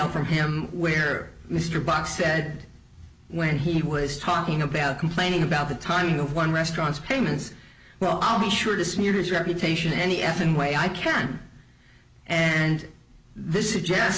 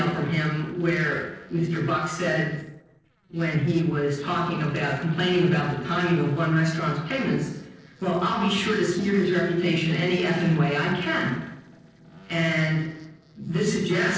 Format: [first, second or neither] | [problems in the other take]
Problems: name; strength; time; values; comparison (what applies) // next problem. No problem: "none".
first | noise reduction (neural separator model SepFormer DNS4)